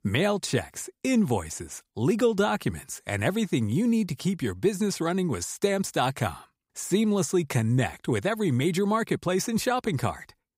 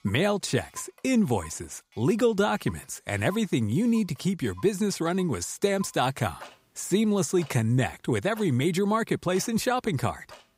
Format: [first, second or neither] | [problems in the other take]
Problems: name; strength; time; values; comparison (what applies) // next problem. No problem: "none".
first | household noises; faint; throughout; 25 dB below the speech